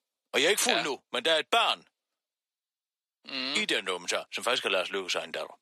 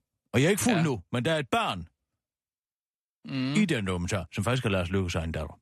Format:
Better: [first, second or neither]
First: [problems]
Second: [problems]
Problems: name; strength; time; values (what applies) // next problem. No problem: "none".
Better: second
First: thin; very; fading below 400 Hz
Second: none